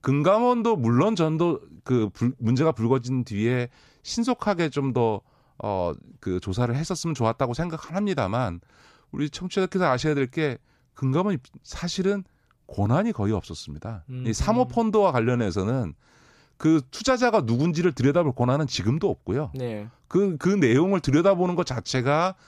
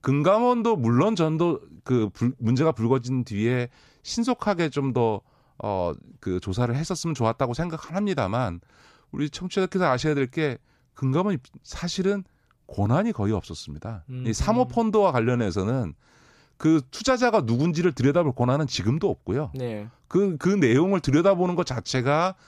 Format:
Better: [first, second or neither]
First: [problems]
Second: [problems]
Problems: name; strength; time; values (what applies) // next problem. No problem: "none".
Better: neither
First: none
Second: none